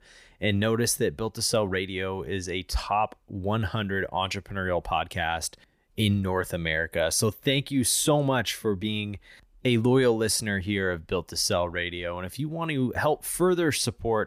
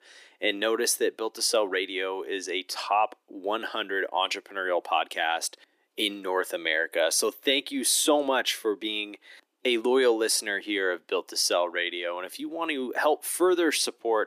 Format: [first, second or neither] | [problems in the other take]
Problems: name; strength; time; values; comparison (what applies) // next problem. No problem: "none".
first | thin; somewhat; fading below 300 Hz